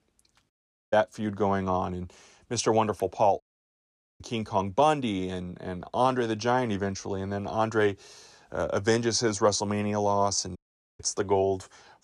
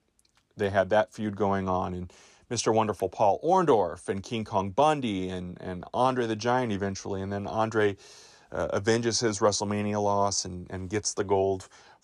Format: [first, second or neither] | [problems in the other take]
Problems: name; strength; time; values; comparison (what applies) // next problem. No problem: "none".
second | audio cutting out; at 0.5 s, at 3.5 s for 1 s and at 11 s